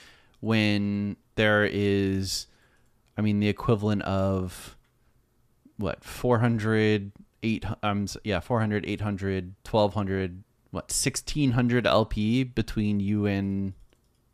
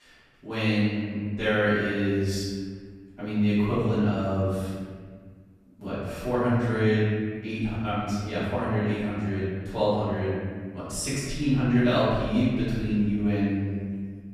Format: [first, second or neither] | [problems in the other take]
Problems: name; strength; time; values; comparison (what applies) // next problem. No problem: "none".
first | off-mic speech; far // room echo; strong; dies away in 1.7 s